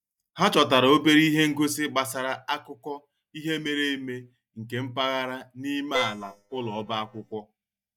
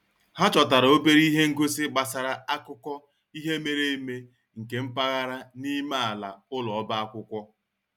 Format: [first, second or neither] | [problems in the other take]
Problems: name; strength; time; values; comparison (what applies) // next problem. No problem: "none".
second | noise reduction (neural mask model DeepFilterNet 3)